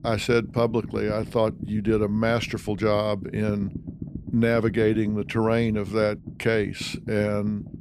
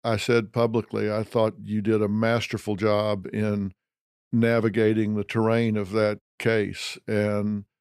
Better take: second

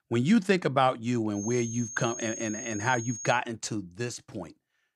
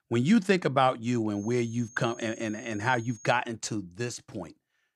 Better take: second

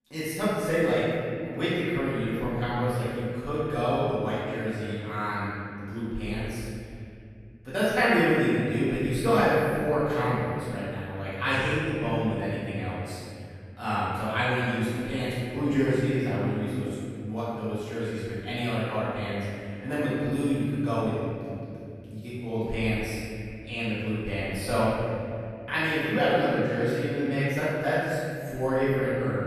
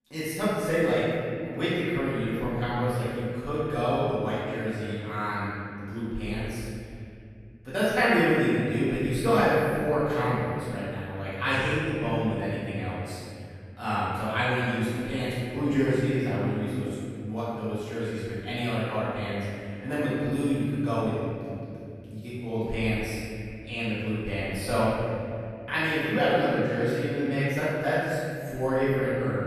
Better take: neither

